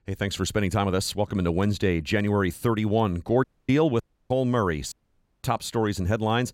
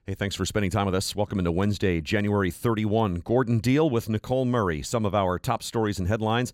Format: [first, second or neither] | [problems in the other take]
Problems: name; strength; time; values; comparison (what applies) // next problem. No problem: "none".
second | audio cutting out; at 3.5 s, at 4 s and at 5 s for 0.5 s